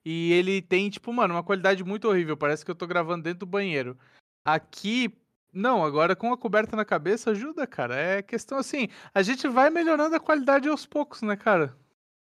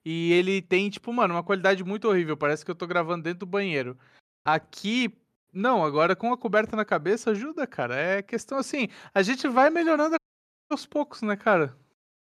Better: first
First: none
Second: audio cutting out; at 10 s for 0.5 s

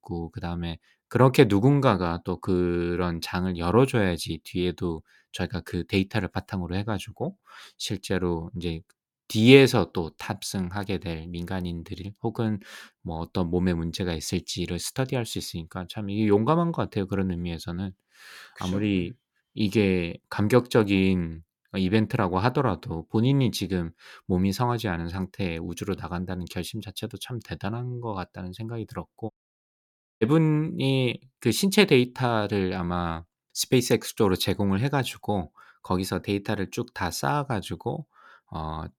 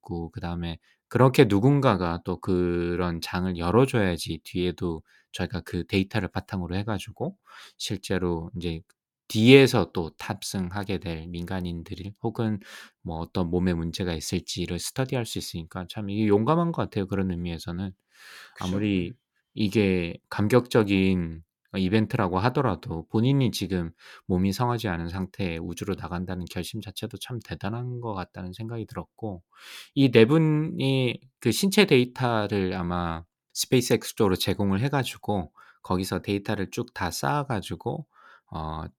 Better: second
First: audio cutting out; at 29 s for 1 s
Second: none

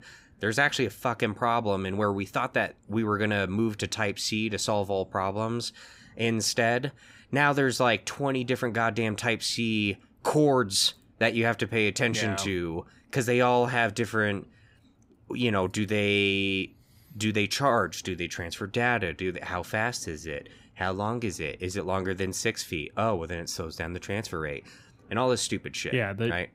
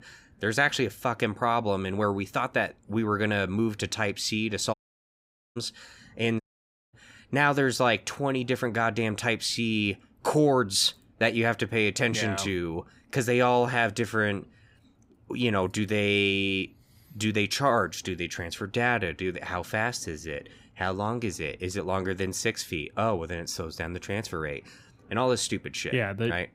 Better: first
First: none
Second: audio cutting out; at 4.5 s for 1 s and at 6.5 s for 0.5 s

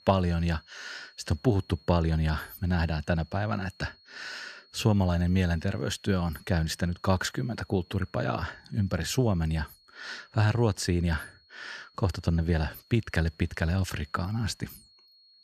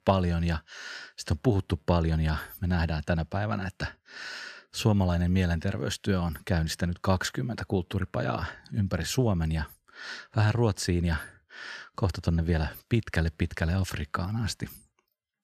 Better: second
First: high-pitched whine; faint; throughout; 4.5 kHz, 30 dB below the speech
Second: none

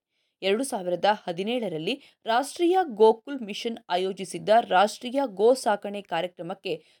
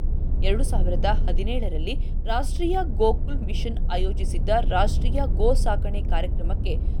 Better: first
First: none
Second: low rumble; noticeable; throughout; 15 dB below the speech

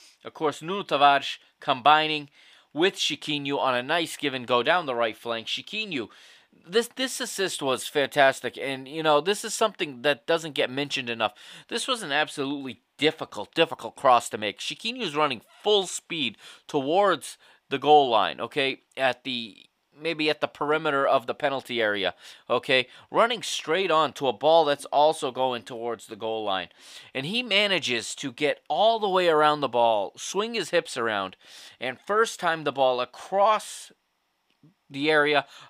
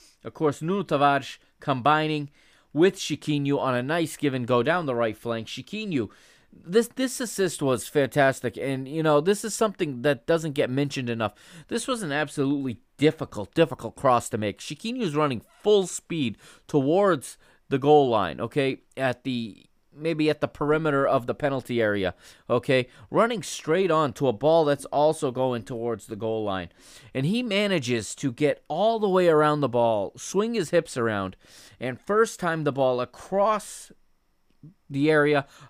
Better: second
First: thin; somewhat; fading below 800 Hz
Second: none

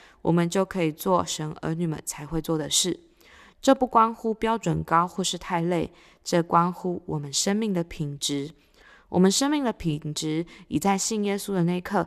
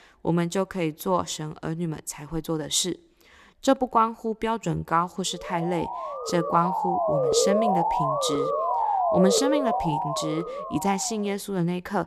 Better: first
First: none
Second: siren; loud; from 5.5 to 11 s; peak 5 dB above the speech

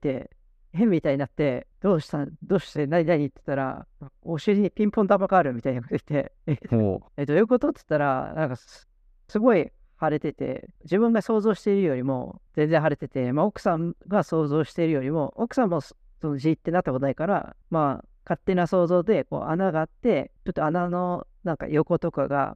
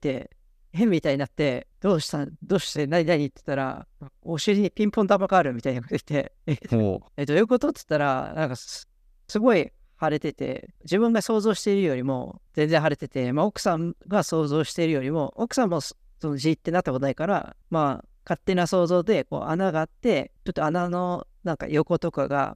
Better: second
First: muffled; slightly; fading above 3 kHz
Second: none

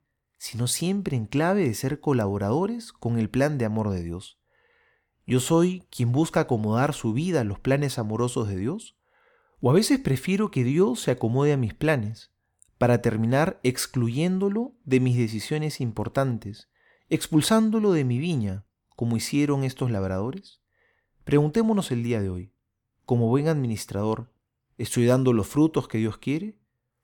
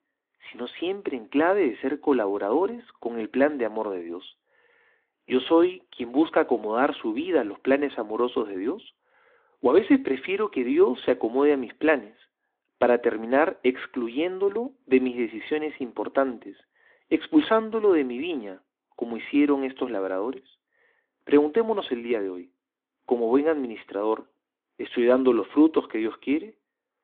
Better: first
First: none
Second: phone-call audio

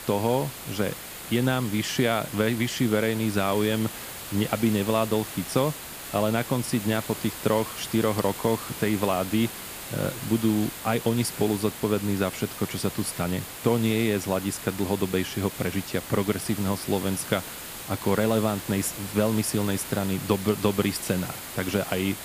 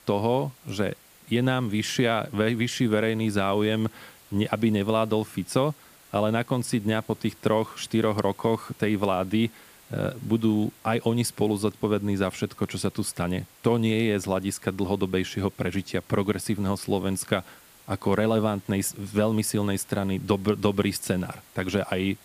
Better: second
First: hiss; loud; throughout; 9 dB below the speech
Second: hiss; faint; throughout; 25 dB below the speech

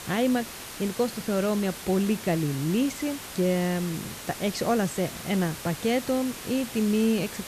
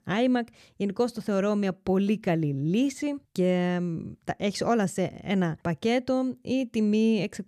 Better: second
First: hiss; noticeable; throughout; 10 dB below the speech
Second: none

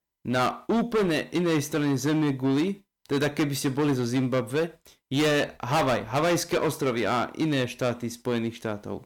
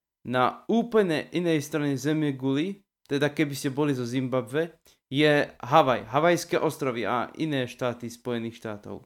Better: second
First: distortion; heavy; 14% of the sound clipped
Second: none

